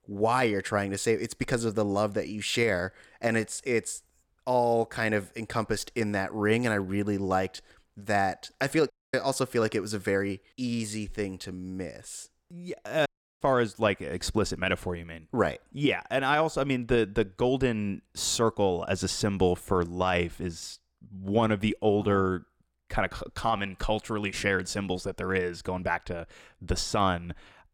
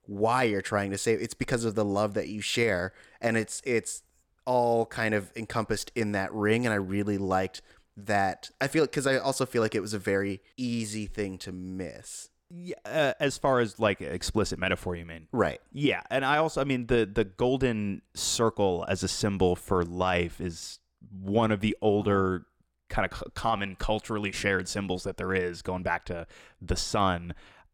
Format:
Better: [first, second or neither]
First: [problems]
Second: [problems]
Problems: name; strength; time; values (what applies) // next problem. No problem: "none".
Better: second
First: audio cutting out; at 9 s and at 13 s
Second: none